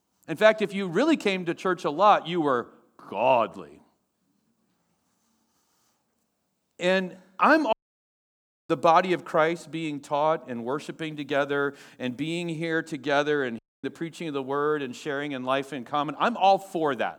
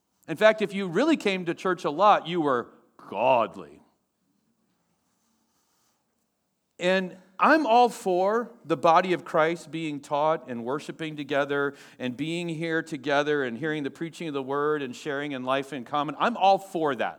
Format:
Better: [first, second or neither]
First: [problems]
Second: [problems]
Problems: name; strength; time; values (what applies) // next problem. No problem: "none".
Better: second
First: audio cutting out; at 7.5 s for 1 s and at 14 s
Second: none